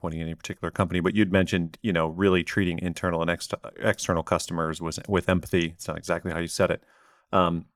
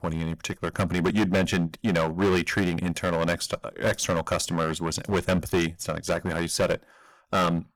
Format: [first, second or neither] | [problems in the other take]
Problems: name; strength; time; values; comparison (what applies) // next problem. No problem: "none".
first | distortion; heavy; 10% of the sound clipped